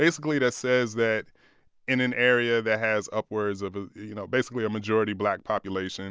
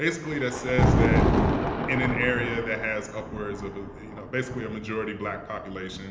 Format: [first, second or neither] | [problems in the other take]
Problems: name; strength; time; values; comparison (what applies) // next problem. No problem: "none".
first | background sound (Thunder); 3 dB above the speech // room echo; dies away in 1 s